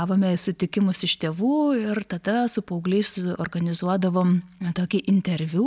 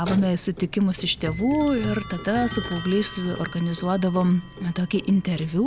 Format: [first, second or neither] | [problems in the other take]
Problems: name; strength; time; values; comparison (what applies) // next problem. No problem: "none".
first | background sound (Clock); 12 dB below the speech